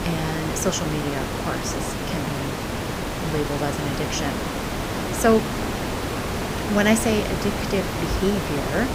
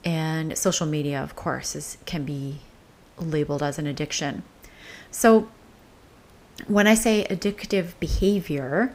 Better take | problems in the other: second | hiss; loud; throughout; 2 dB below the speech; faint in the second

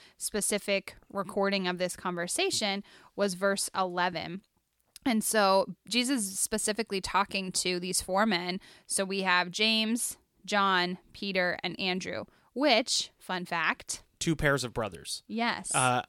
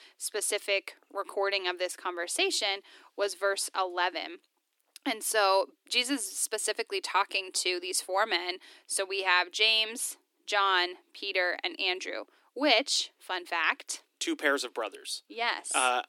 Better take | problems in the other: first | thin; somewhat; fading below 300 Hz

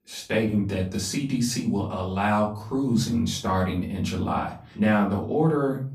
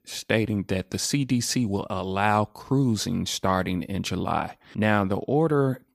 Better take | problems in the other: second | off-mic speech; far // room echo; slight; dies away in 0.4 s

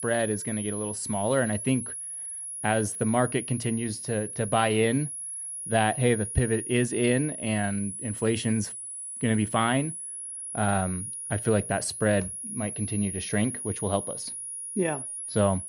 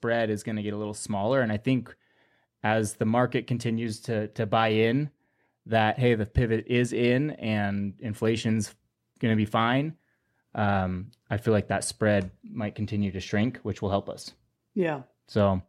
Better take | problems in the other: second | high-pitched whine; loud; throughout; 10.5 kHz, 6 dB below the speech

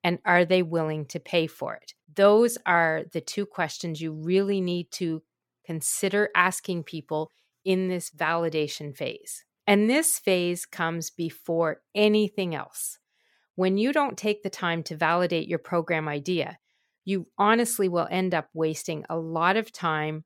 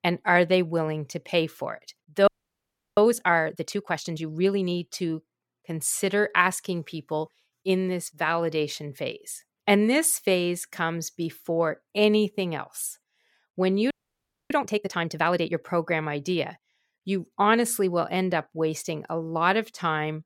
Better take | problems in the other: first | audio freezing; at 2.5 s for 0.5 s and at 14 s for 0.5 s

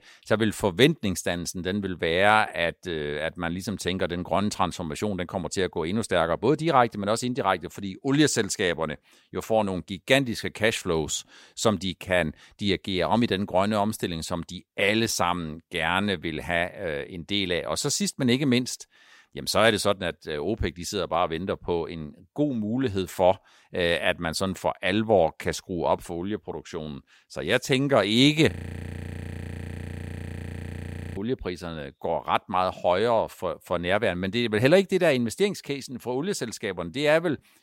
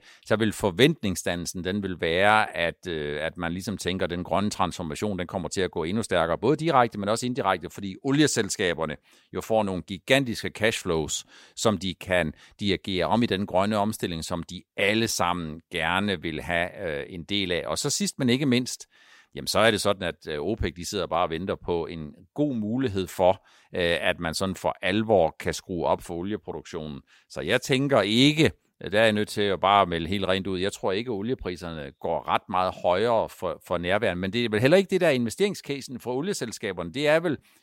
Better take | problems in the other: second | audio freezing; at 29 s for 2.5 s

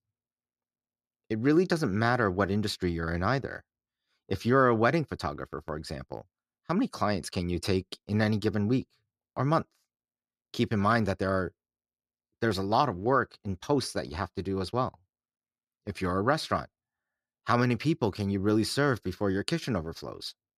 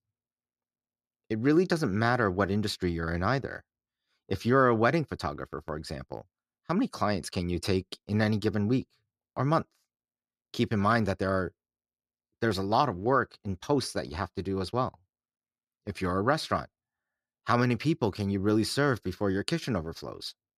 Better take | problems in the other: neither | none

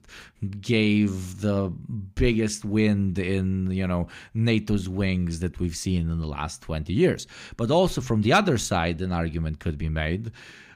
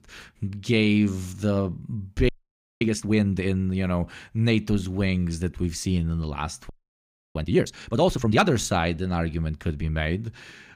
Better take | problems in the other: first | audio freezing; at 2.5 s for 0.5 s and at 6.5 s for 0.5 s

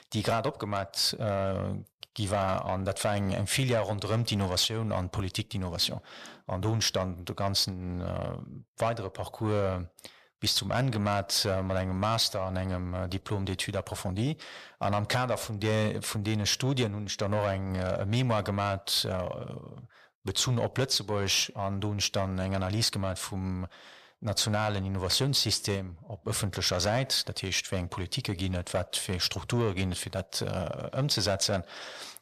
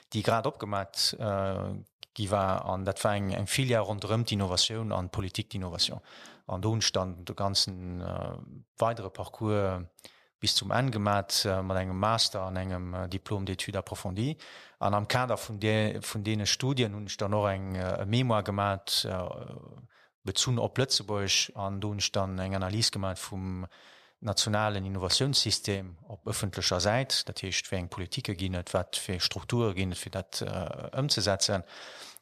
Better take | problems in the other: second | distortion; slight; 10 dB below the speech

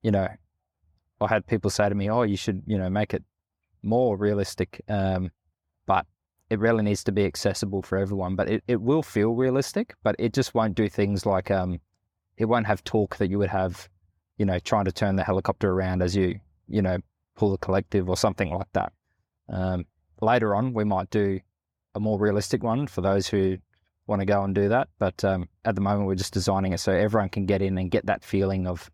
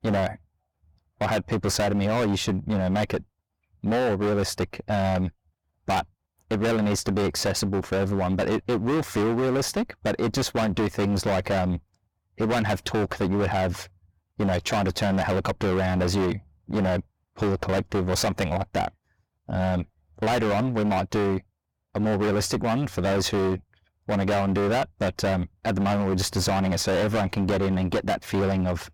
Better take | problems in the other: first | distortion; heavy; 26% of the sound clipped

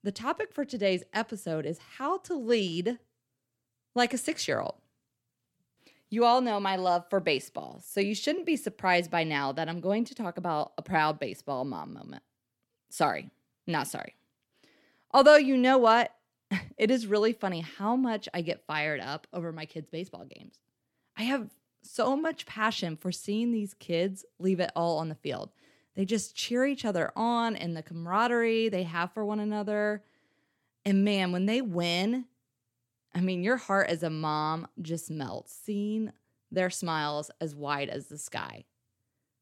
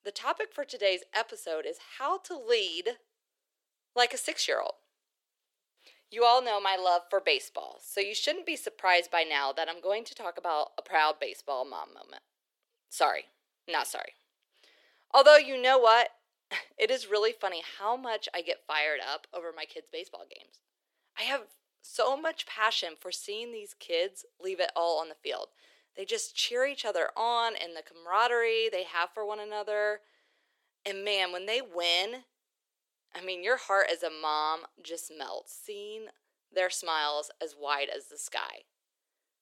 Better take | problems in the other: first | thin; very; fading below 400 Hz

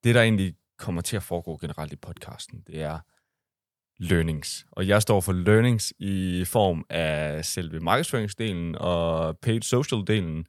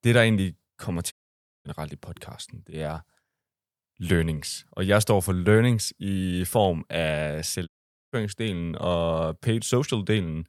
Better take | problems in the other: first | audio cutting out; at 1 s for 0.5 s and at 7.5 s

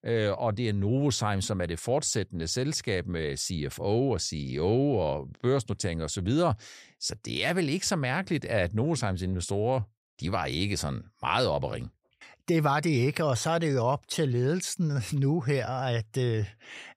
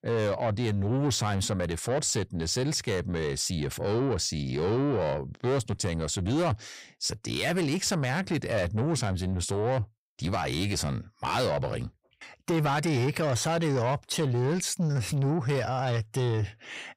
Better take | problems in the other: first | distortion; slight; 10 dB below the speech

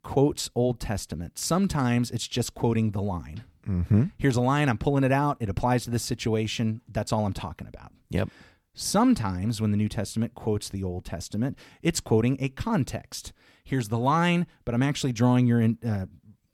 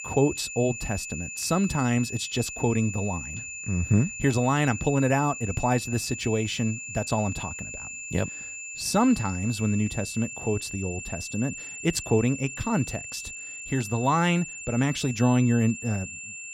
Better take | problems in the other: first | high-pitched whine; loud; throughout; 2.5 kHz, 9 dB below the speech

